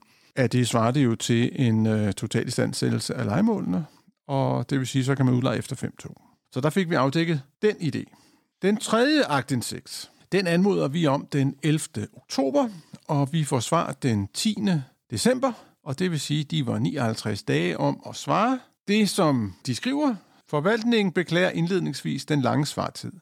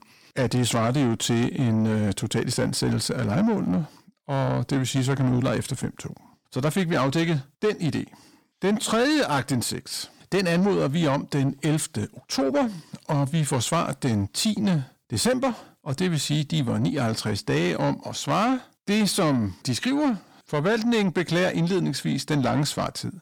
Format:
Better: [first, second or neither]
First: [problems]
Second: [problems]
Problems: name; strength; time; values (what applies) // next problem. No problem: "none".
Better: first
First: none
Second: distortion; slight; 10 dB below the speech